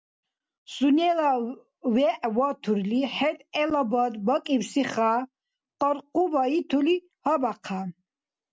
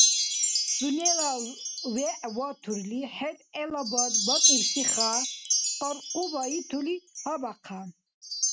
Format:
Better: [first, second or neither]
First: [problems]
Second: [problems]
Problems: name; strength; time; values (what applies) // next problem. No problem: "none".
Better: first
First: none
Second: background sound (Wind chime); 4 dB above the speech